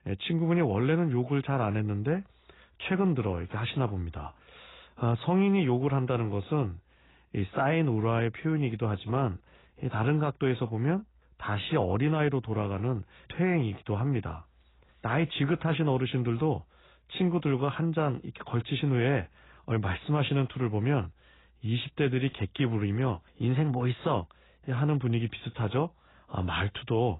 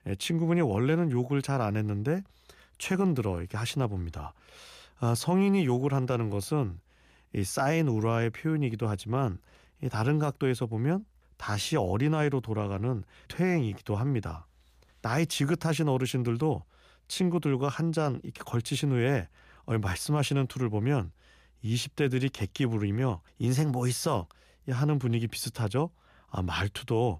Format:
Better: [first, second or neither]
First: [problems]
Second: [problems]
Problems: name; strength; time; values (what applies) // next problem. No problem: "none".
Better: second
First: garbled, watery; badly; nothing above 4 kHz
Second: none